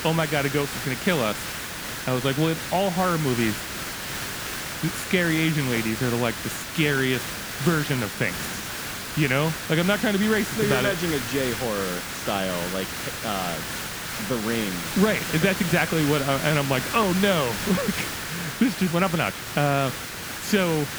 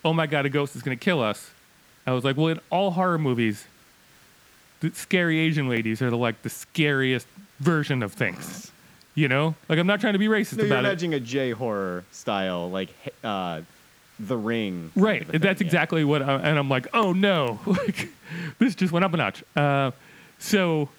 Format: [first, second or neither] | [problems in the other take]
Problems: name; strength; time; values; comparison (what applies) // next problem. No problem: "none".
second | hiss; loud; throughout; 5 dB below the speech; faint in the second